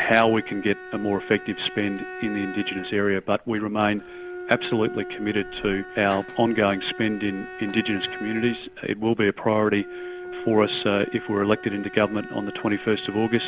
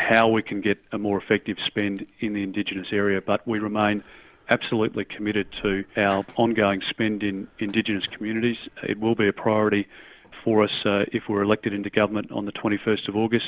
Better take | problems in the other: second | background sound (Bowed string instrument); 13 dB below the speech

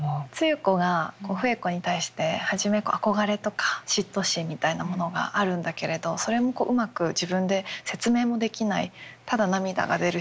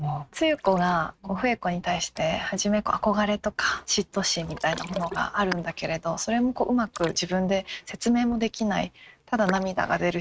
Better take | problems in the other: first | noise reduction (neural mask model RNNoise)

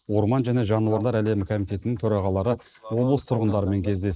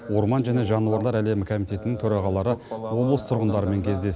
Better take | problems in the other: second | noise reduction (neural mask model Resemble Enhance denoiser)

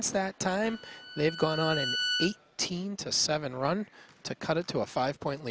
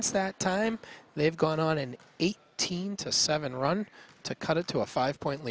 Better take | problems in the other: second | background sound (Bowed string instrument); 5 dB below the speech

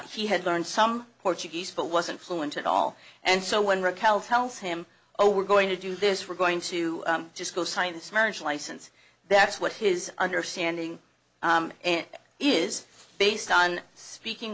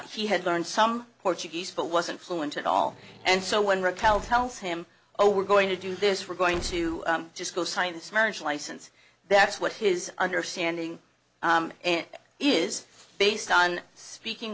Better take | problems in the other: first | background sound (Squeak / Slam / Wood); 15 dB below the speech

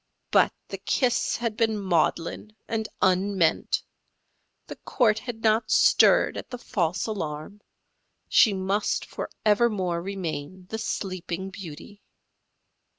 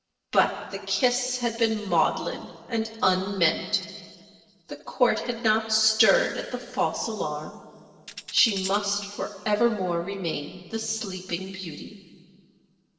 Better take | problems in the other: first | noise reduction (neural separator model SepFormer DNS4)

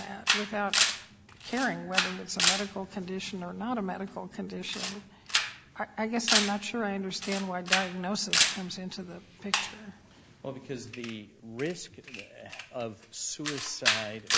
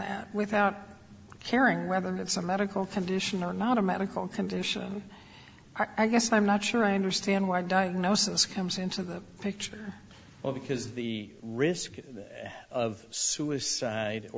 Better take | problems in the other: second | background sound (Camera); 2 dB above the speech

